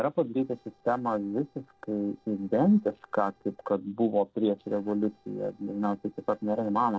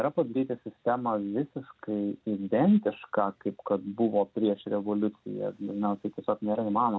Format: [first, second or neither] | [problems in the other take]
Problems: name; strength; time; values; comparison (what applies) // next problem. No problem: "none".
second | noise reduction (neural separator model SepFormer DNS4)